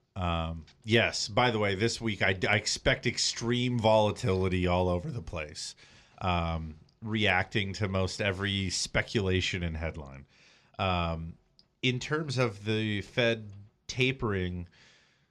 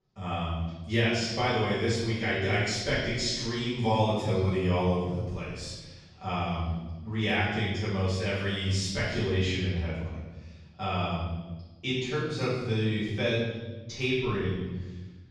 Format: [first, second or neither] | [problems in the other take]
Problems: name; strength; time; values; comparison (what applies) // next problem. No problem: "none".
first | off-mic speech; far // room echo; strong; dies away in 1.3 s